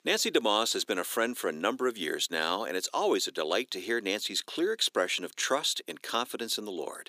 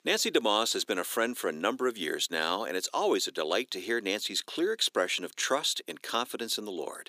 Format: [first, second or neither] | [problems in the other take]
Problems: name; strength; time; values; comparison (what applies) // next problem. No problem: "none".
neither | thin; somewhat; fading below 350 Hz; the same in both